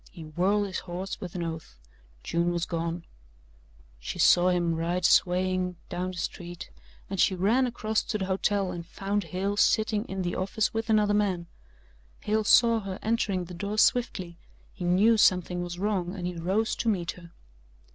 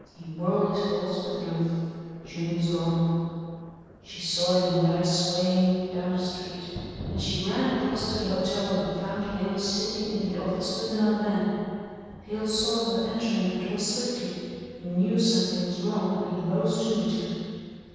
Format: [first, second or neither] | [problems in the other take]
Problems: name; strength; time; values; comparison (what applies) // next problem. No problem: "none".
first | background sound (Thunder); 16 dB below the speech // room echo; dies away in 2.2 s